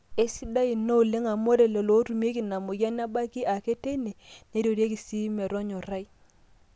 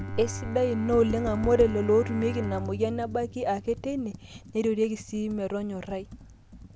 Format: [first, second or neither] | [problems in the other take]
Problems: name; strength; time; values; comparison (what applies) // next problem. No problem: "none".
first | background sound (Bowed string instrument + Computer keyboard); 9 dB below the speech